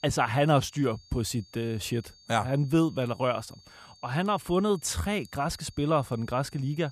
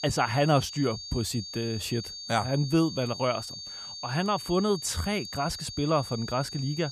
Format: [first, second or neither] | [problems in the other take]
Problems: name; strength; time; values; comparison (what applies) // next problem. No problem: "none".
first | high-pitched whine; loud; throughout; 4.5 kHz, 9 dB below the speech; faint in the first